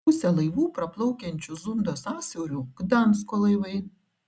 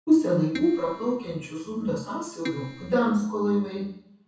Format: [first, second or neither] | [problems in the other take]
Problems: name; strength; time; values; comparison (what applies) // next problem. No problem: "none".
first | background sound (Keyboard (musical)); 14 dB below the speech // room echo; dies away in 0.6 s